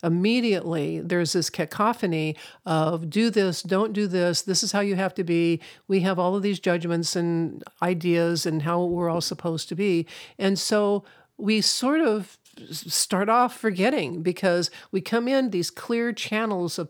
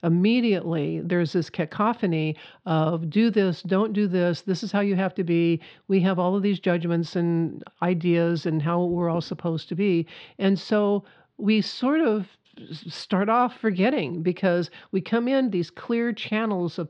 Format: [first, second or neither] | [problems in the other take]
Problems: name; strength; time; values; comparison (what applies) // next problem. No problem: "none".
first | muffled; slightly; fading above 3.5 kHz